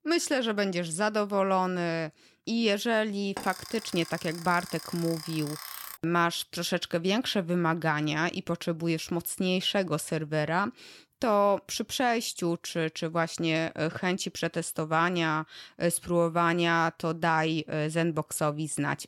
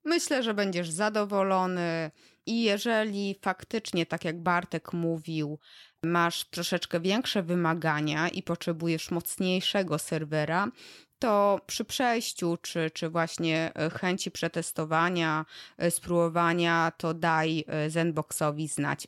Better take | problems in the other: second | alarm; noticeable; from 3.5 to 6 s; peak 10 dB below the speech

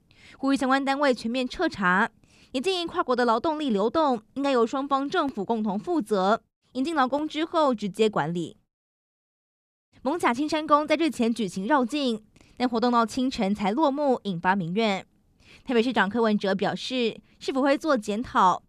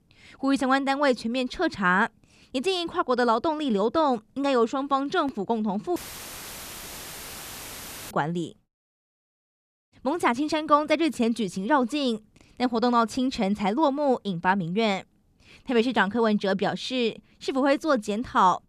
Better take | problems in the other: first | audio cutting out; filled with static; at 6 s for 2 s

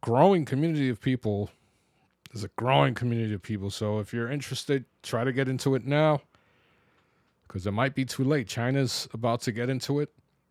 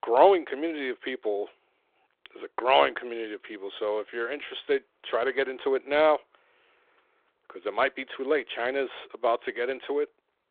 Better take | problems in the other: first | phone-call audio

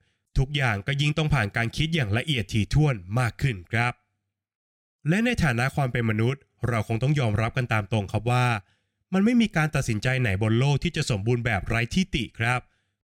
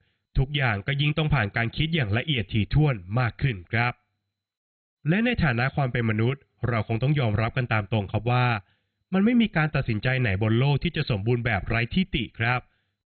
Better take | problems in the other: first | garbled, watery; badly; nothing above 4 kHz

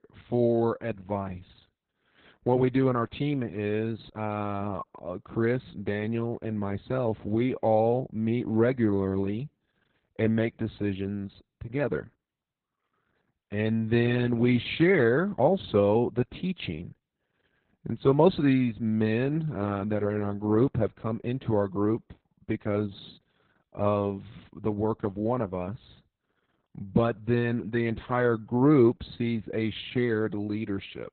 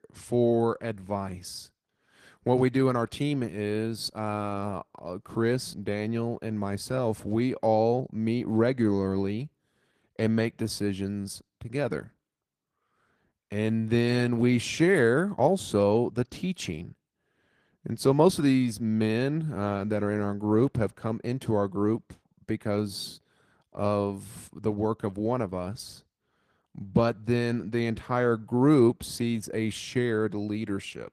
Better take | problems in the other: second | garbled, watery; badly; nothing above 4 kHz; slightly in the second

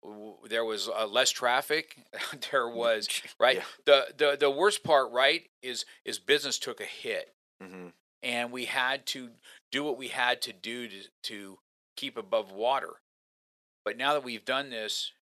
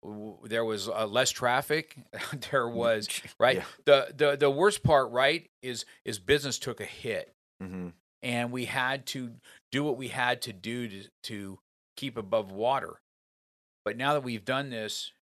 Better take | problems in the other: second | thin; very slightly; fading below 300 Hz

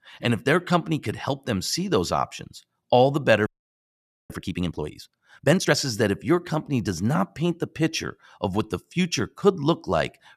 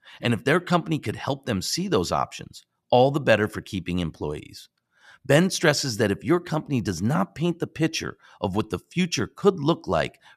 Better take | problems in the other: second | audio freezing; at 3.5 s for 1 s

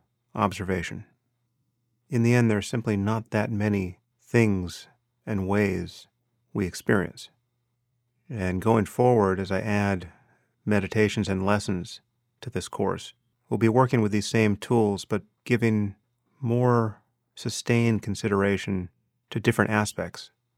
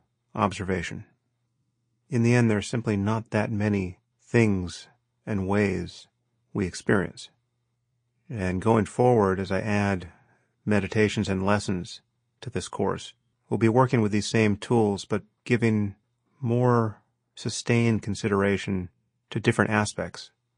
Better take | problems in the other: first | garbled, watery; slightly; nothing above 9 kHz

